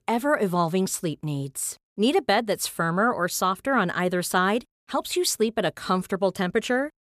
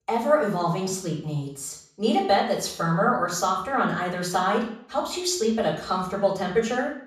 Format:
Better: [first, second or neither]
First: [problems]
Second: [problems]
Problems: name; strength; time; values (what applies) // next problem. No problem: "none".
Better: first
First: none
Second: room echo; noticeable; dies away in 0.5 s // off-mic speech; far